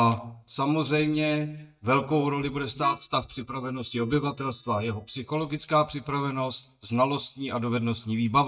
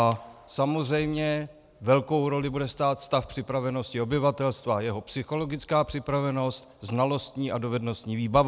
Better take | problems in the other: second | noise reduction (neural mask model DeepFilterNet 3)

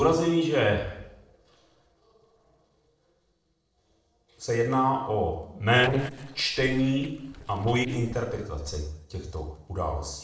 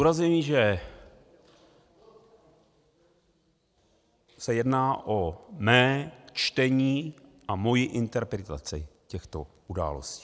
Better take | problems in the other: second | noise reduction (neural separator model SepFormer DNS4)

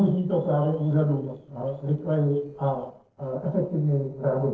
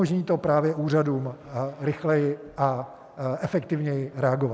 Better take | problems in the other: second | noise reduction (neural separator model SepFormer DNS4)

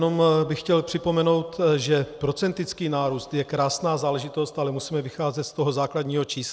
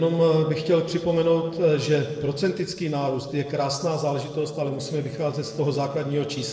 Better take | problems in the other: first | noise reduction (neural separator model SepFormer DNS4)

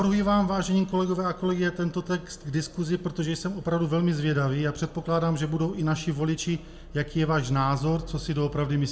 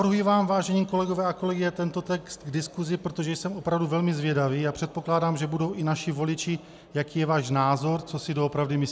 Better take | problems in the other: second | background sound (Accelerating, revving, vroom); 19 dB below the speech // room echo; dies away in 0.4 s

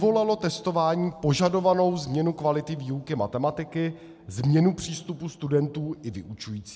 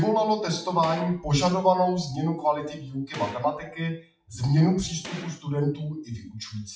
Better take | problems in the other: first | noise reduction (classical method WPE with log-MMSE)

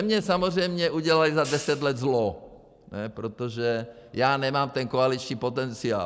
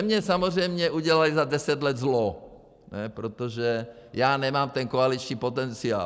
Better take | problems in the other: second | background sound (Hi-hat); 18 dB below the speech

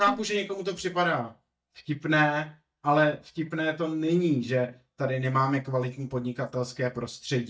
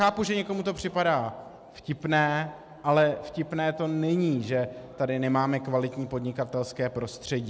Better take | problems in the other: second | noise reduction (neural mask model DeepFilterNet 3)

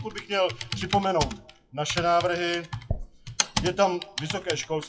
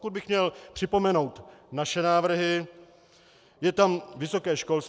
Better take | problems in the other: second | noise reduction (classical method WPE with log-MMSE)

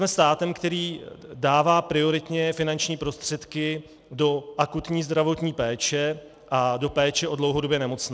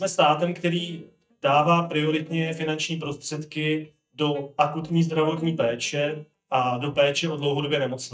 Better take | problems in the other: first | noise reduction (neural mask model DeepFilterNet 3)

